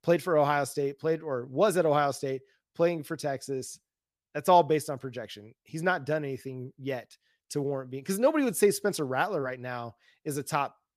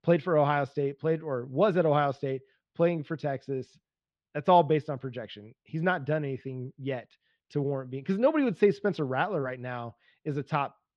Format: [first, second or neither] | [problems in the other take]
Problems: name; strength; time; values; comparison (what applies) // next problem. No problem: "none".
first | muffled; slightly; fading above 3.5 kHz